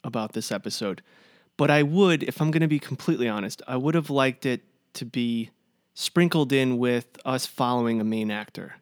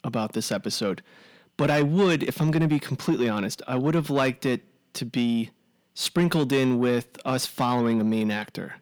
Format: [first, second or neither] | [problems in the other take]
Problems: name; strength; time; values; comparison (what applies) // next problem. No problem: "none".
first | distortion; slight; 10 dB below the speech